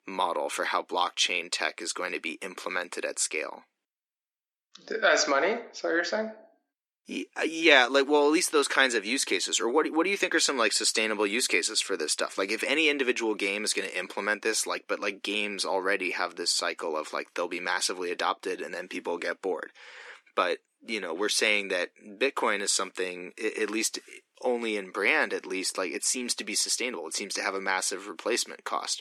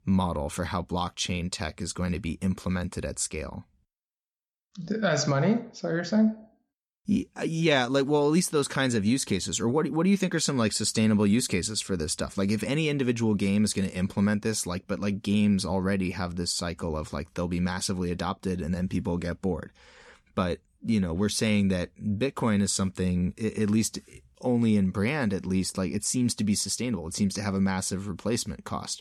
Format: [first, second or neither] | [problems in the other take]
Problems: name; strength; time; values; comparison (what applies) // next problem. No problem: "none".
second | thin; very; fading below 300 Hz